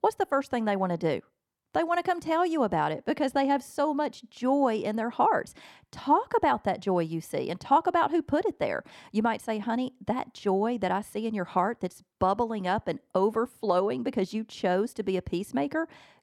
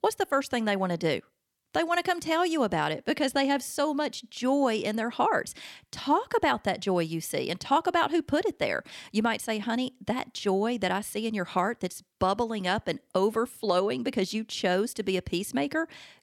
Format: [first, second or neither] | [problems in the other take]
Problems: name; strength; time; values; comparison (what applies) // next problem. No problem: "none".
second | muffled; slightly; fading above 2 kHz